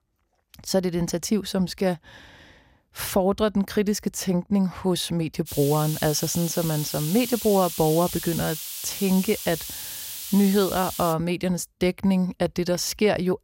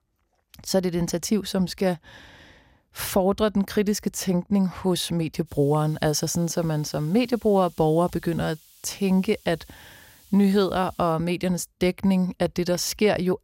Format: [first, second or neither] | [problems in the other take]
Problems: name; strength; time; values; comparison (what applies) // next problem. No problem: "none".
second | hiss; loud; from 5.5 to 11 s; 7 dB below the speech; faint in the second